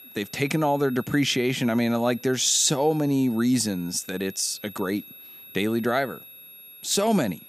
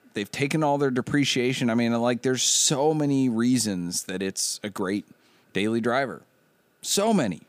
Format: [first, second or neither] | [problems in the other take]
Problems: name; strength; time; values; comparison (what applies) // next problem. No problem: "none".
second | high-pitched whine; noticeable; throughout; 11.5 kHz, 20 dB below the speech